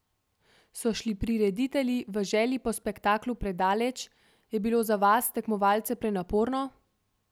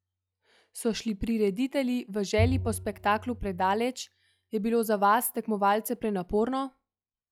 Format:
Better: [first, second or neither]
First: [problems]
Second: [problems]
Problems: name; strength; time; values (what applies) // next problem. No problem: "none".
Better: first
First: none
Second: noise reduction (classical method log-MMSE)